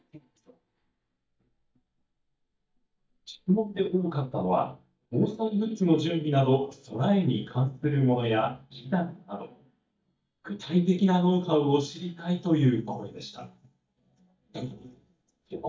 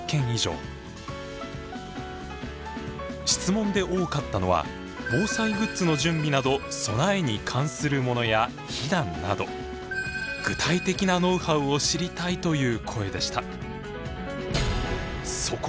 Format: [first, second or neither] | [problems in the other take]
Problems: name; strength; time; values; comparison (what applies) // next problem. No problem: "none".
second | noise reduction (neural mask model DeepFilterNet 3)